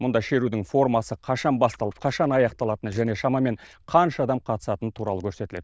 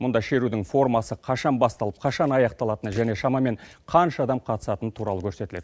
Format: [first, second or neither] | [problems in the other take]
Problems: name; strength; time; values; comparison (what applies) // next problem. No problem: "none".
second | noise reduction (neural diffusion model UNIVERSE++)